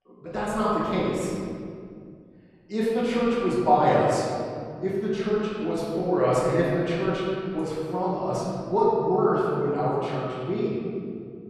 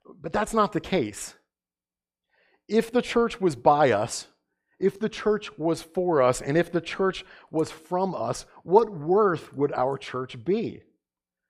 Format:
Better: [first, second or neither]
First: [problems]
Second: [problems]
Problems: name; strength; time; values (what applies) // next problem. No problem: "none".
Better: second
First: room echo; strong; dies away in 2.4 s // off-mic speech; far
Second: none